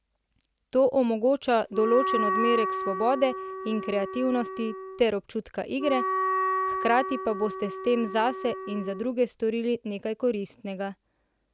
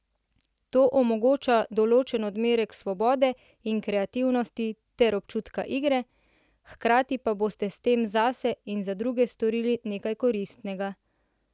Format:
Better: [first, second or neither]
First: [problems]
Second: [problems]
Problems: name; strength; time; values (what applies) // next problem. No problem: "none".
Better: second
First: background sound (Wind instrument, woodwind instrument); 4 dB below the speech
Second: none